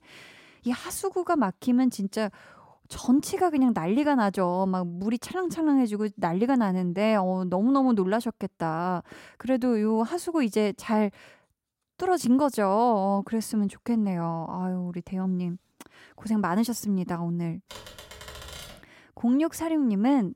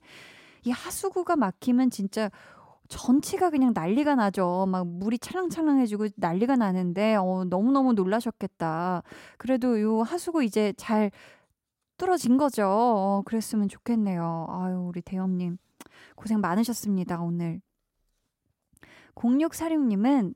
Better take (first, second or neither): second